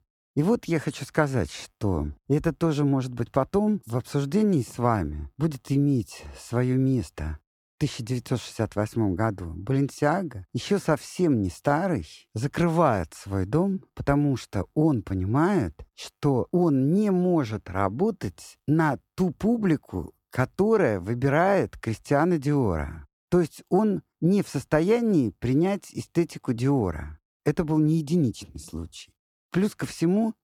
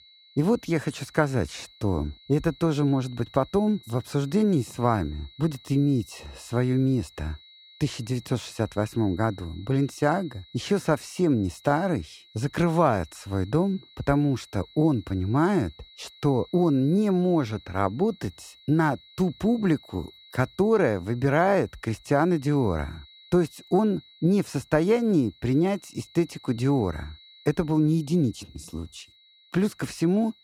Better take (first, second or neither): first